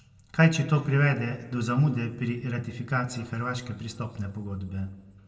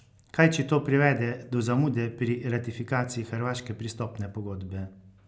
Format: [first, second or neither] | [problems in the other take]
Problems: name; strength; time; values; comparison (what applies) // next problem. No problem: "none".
second | room echo; dies away in 1.4 s